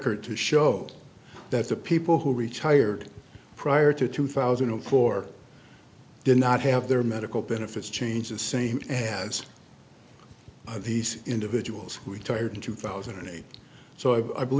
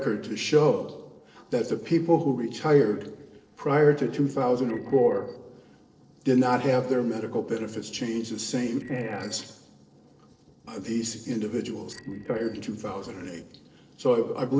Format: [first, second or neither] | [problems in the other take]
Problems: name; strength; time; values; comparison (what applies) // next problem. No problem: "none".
first | noise reduction (neural separator model SepFormer DNS4)